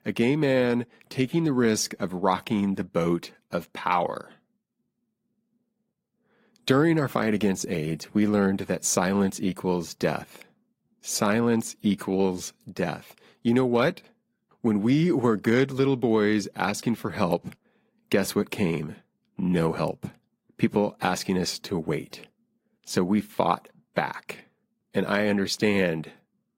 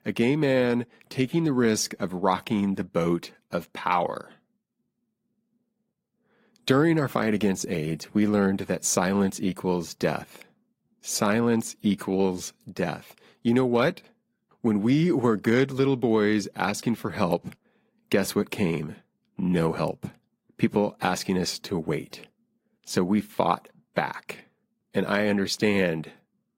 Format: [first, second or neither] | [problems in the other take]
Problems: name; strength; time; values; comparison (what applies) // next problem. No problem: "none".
neither | garbled, watery; slightly; nothing above 15.5 kHz; the same in both